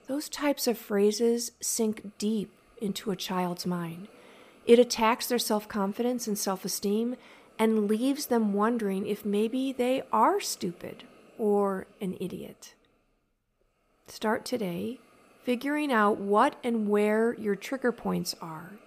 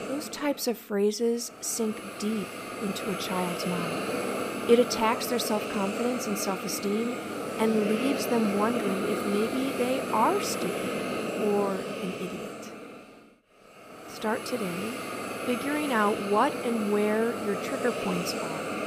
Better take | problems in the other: first | hiss; loud; throughout; 4 dB below the speech; faint in the first

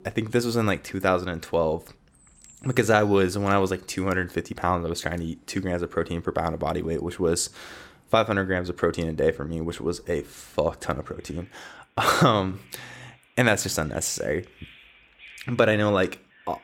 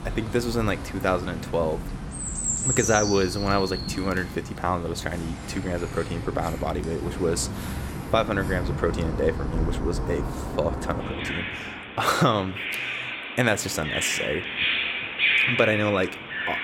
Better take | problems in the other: first | animal sounds; loud; throughout; 2 dB below the speech; faint in the first

